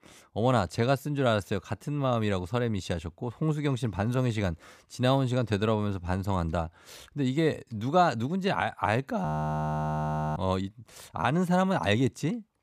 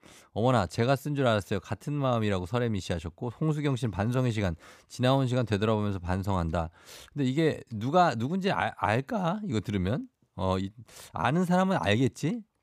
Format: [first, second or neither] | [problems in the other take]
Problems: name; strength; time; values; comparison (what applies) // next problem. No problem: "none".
second | audio freezing; at 9.5 s for 1 s